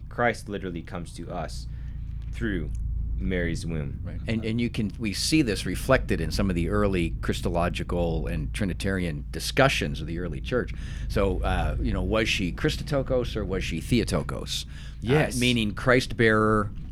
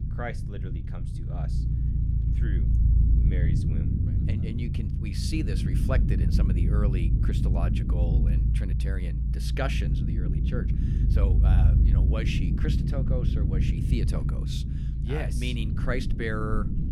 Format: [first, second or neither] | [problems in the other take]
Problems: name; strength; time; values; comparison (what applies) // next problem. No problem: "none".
first | low rumble; loud; throughout; 2 dB below the speech; faint in the first